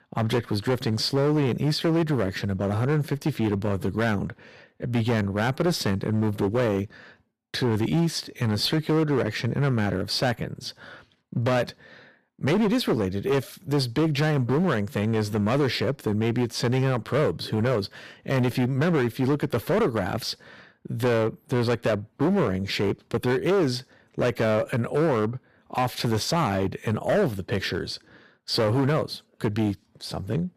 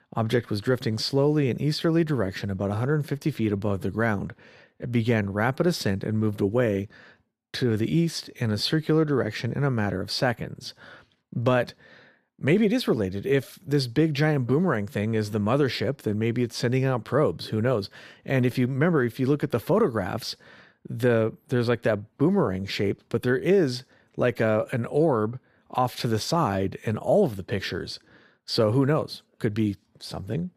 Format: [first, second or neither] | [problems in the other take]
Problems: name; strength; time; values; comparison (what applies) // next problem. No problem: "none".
second | distortion; slight; 14% of the sound clipped